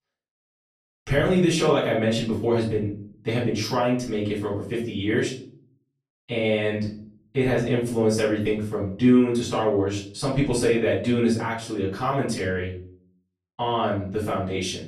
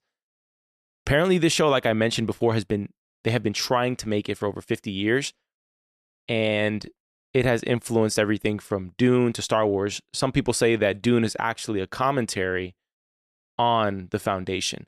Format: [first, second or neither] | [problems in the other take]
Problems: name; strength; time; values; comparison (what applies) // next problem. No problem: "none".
second | off-mic speech; far // room echo; noticeable; dies away in 0.5 s